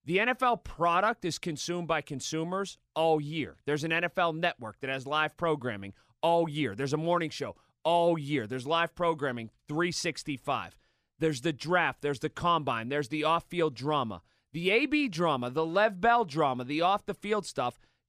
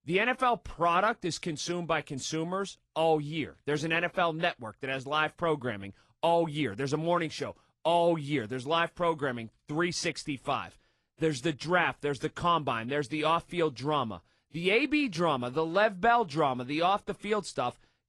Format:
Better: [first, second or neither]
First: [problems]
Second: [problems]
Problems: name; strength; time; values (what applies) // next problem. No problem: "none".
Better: first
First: none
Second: garbled, watery; slightly